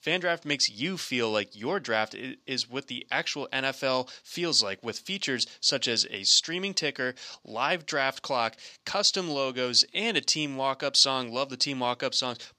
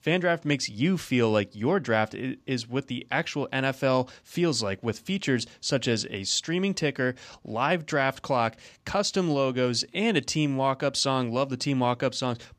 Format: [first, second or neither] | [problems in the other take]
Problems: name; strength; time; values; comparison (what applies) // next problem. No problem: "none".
second | thin; very slightly; fading below 900 Hz